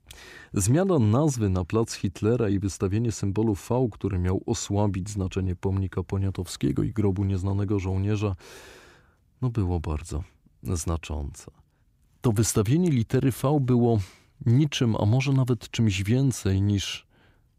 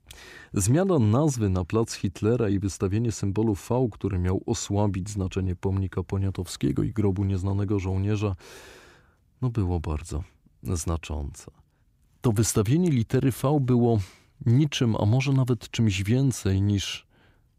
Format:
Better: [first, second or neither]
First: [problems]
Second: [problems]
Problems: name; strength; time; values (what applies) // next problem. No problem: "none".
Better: neither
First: none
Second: none